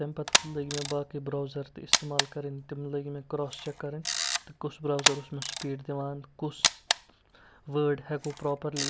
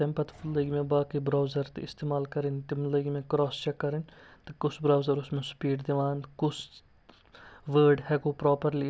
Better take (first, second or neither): second